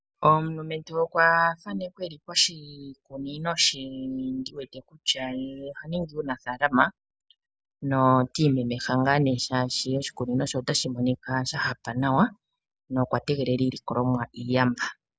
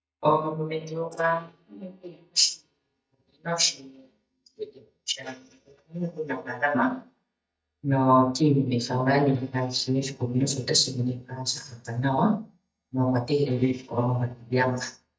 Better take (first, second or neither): first